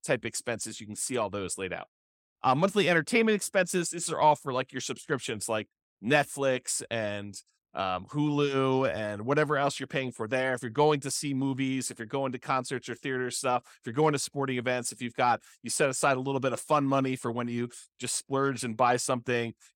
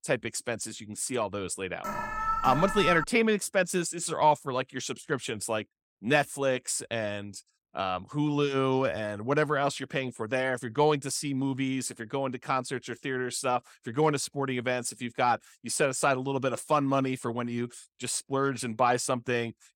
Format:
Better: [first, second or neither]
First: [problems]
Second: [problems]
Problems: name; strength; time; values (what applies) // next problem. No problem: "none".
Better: first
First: none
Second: alarm; loud; from 2 to 3 s; peak level with the speech